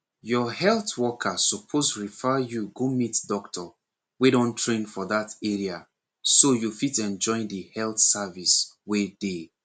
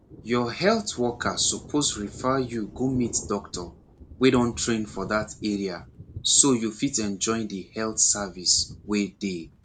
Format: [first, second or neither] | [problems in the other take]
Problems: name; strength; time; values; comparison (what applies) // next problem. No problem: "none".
first | background sound (Thunder); 17 dB below the speech